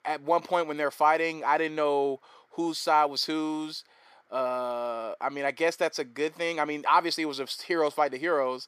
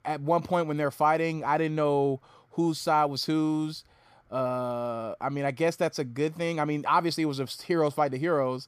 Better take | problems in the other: second | thin; somewhat; fading below 400 Hz

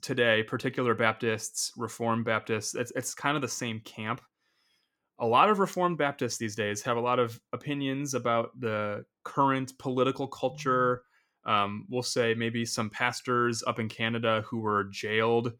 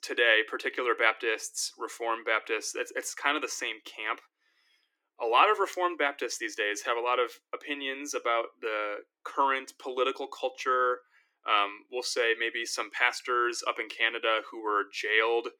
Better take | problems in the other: first | thin; very; fading below 300 Hz

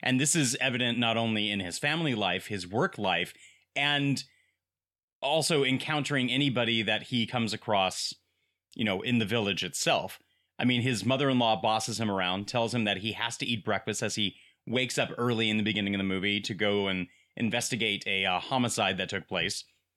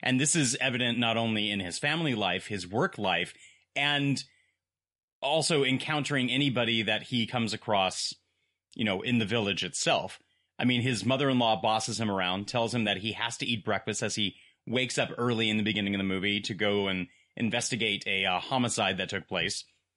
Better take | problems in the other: first | garbled, watery; slightly; nothing above 11 kHz

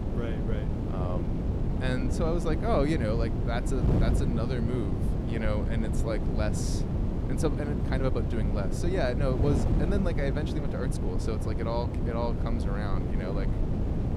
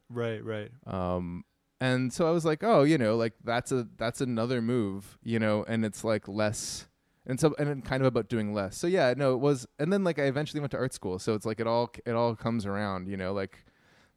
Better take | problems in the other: second | wind noise on the microphone; heavy; 4 dB below the speech

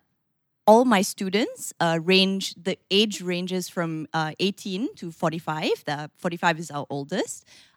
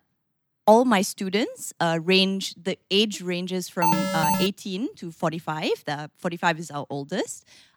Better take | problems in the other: first | alarm; loud; at 4 s; peak 2 dB above the speech

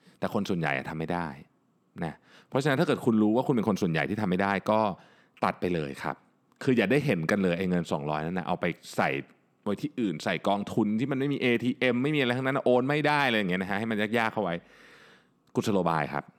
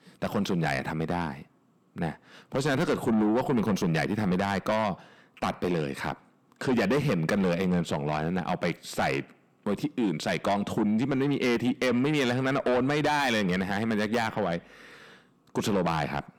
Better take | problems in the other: first | distortion; heavy; 7 dB below the speech

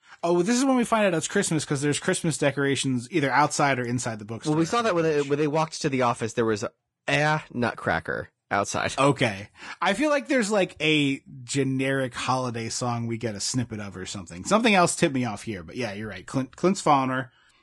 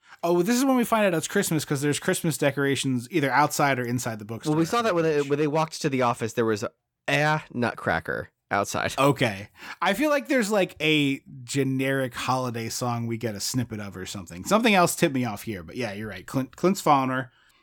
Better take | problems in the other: second | garbled, watery; slightly; nothing above 10 kHz

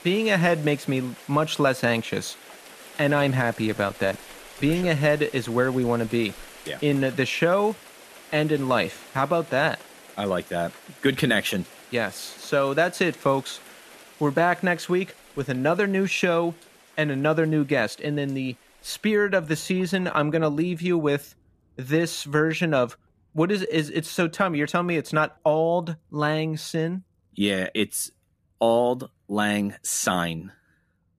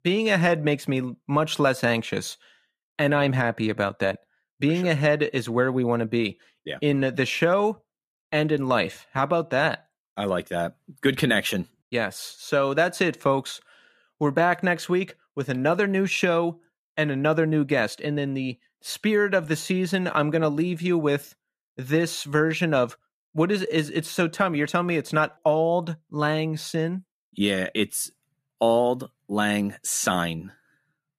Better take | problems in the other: second | rain or running water; faint; throughout; 20 dB below the speech

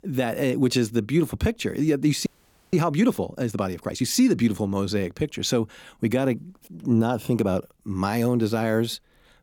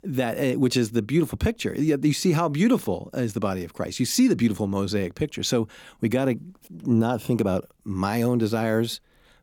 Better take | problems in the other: second | audio freezing; at 2.5 s

